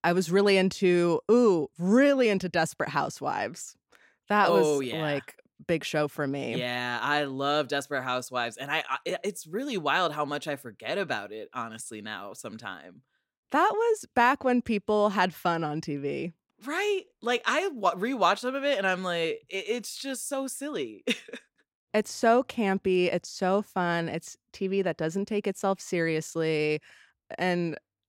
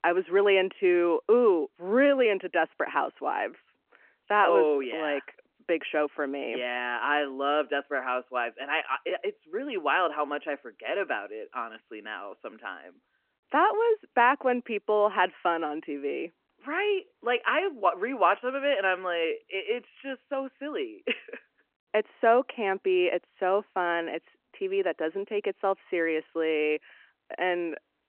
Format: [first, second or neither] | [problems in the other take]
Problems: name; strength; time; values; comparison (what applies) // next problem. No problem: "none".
first | phone-call audio; nothing above 3 kHz